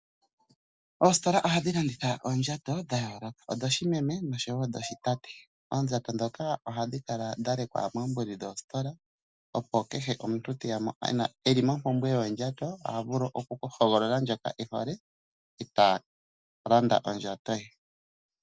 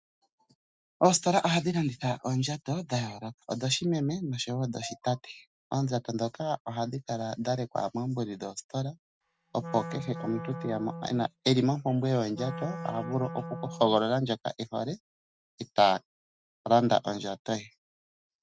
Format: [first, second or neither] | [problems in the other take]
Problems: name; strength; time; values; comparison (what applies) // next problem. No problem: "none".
first | noise reduction (neural mask model RNNoise)